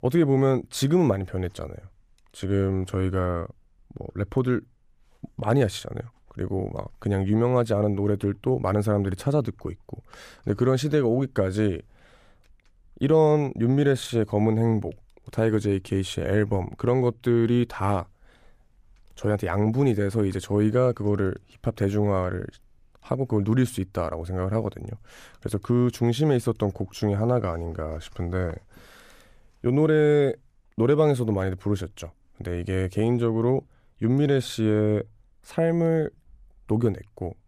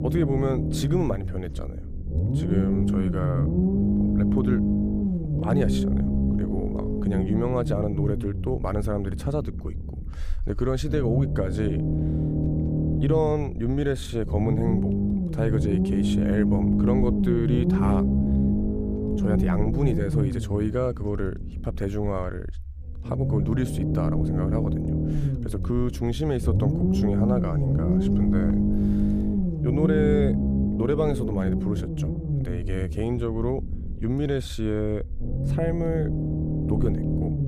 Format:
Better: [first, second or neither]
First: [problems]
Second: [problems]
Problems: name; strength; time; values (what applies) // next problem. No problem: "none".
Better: first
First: none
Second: low rumble; loud; throughout; 1 dB below the speech